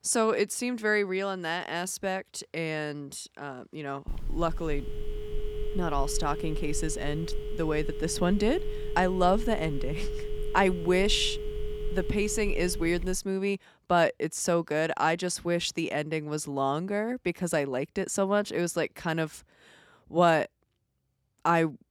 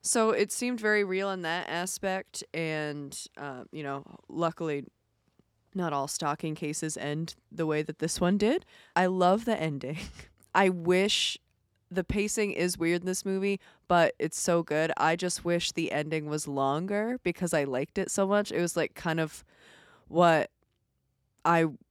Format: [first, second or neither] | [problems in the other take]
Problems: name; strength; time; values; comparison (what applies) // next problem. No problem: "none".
second | phone ringing; noticeable; from 4 to 13 s; peak 7 dB below the speech